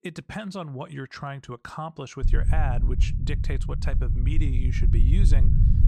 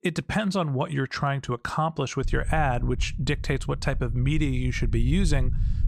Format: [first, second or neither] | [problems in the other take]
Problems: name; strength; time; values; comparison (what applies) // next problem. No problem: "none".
second | low rumble; loud; from 2 s on; 5 dB below the speech; faint in the second